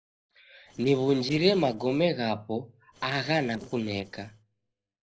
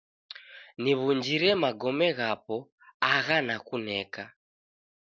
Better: second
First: noise reduction (neural separator model SepFormer DNS4)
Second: none

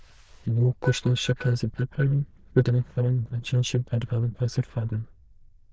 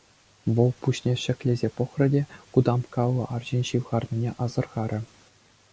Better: second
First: noise reduction (neural diffusion model UNIVERSE++)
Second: none

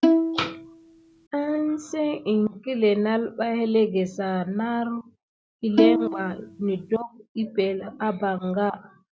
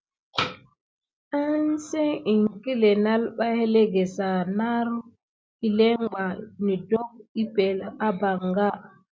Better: second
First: background sound (Bowed string instrument); 2 dB above the speech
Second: none

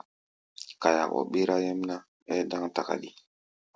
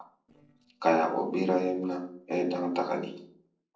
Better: first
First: none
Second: noise reduction (neural separator model SepFormer DNS4)

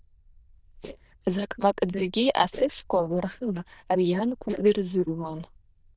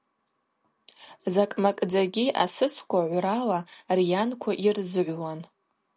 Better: second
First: noise reduction (neural diffusion model UNIVERSE++)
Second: none

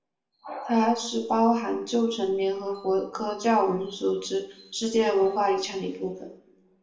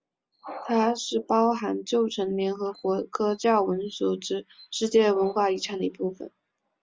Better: second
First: room echo; dies away in 0.7 s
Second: none

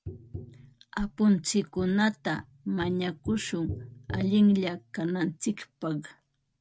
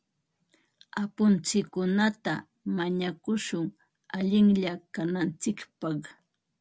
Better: second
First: noise reduction (neural mask model RNNoise)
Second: none

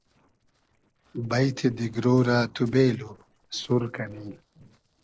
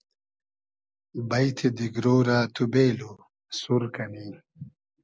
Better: second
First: noise reduction (neural separator model SepFormer DNS4)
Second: none

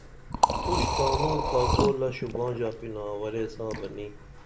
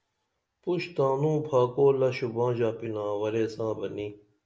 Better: second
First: background sound (Liquid); 1 dB above the speech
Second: none

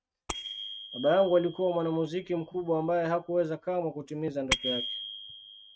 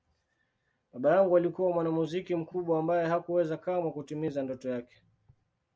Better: second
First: noise reduction (neural mask model RNNoise)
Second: none

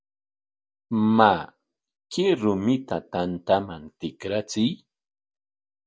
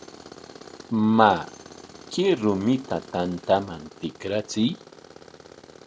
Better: first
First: none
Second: background sound (Tools); 19 dB below the speech

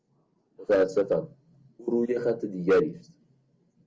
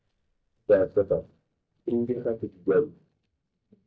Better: first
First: none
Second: noise reduction (neural mask model DeepFilterNet 3)

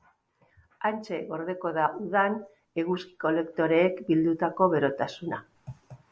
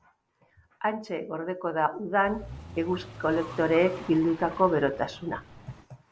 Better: first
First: none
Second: background sound (Car); 15 dB below the speech

